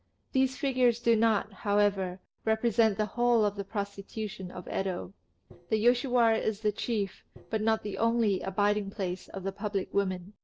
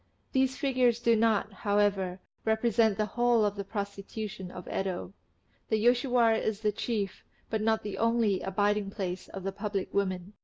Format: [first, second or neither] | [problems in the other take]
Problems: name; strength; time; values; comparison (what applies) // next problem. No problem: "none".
second | noise reduction (neural separator model SepFormer DNS4)